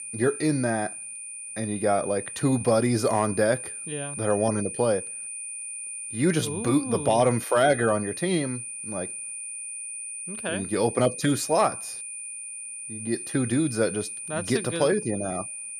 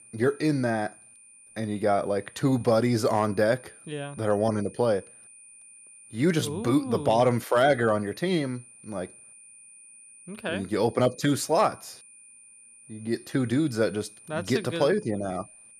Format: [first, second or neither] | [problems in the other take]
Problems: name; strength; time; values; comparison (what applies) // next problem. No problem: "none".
second | high-pitched whine; loud; throughout; 9.5 kHz, 8 dB below the speech; faint in the second